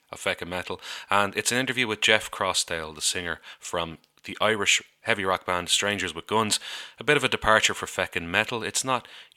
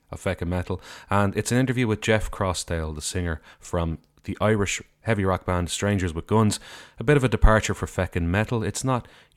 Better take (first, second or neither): second